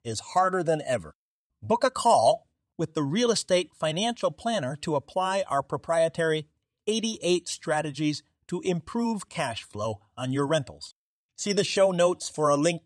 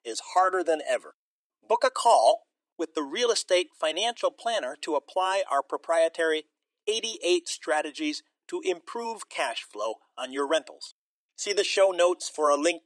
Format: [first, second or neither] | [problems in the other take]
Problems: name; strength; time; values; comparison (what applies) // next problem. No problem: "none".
first | thin; somewhat; fading below 300 Hz